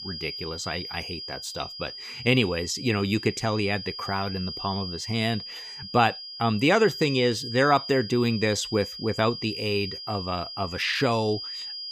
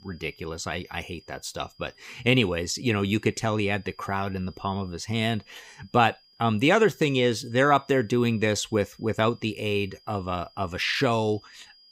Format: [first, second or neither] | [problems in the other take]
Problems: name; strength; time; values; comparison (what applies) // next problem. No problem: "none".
second | high-pitched whine; loud; throughout; 5 kHz, 9 dB below the speech; faint in the second